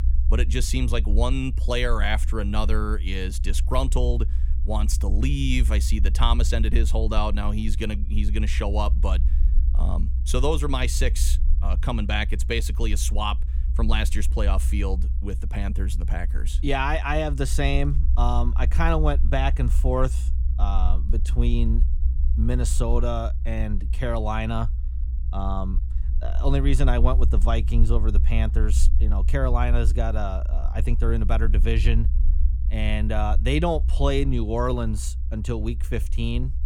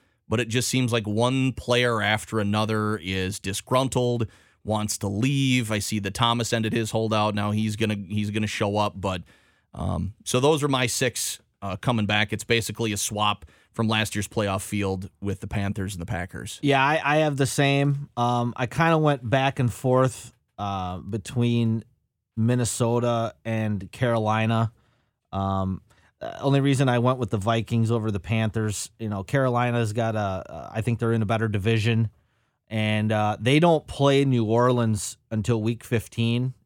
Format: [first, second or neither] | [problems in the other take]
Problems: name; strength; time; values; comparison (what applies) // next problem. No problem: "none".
second | low rumble; noticeable; throughout; 15 dB below the speech